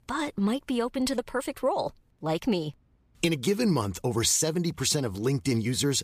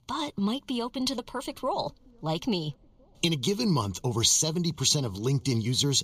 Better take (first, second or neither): first